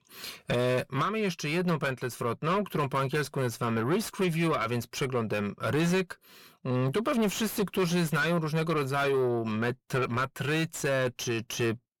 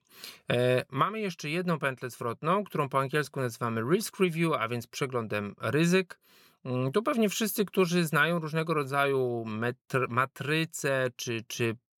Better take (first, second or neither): second